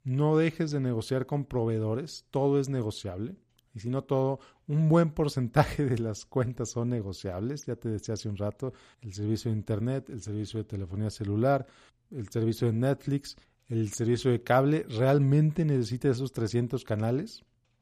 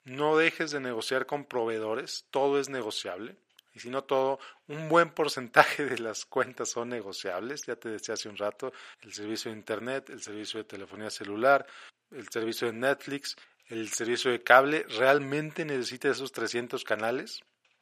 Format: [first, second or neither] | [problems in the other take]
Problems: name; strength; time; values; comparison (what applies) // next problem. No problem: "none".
first | thin; very; fading below 500 Hz